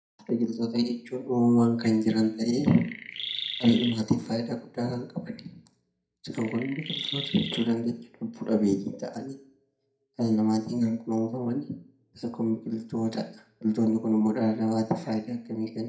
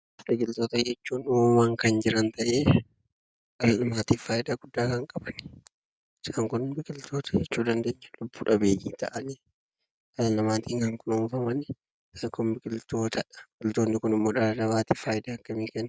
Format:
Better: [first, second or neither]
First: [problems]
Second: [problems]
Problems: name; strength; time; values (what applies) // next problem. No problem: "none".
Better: second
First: background sound (Chirp, tweet); 8 dB below the speech // room echo; dies away in 0.4 s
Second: none